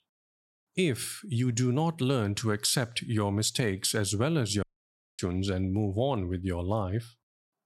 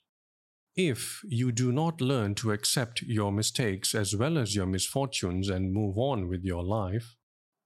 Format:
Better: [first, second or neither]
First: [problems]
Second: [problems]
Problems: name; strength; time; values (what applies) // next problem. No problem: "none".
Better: second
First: audio cutting out; at 4.5 s for 0.5 s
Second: none